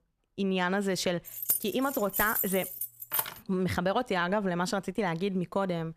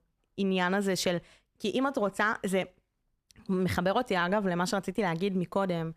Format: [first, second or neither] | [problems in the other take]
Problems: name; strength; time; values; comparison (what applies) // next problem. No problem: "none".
second | jangling keys; loud; from 1.5 to 3.5 s; peak 2 dB above the speech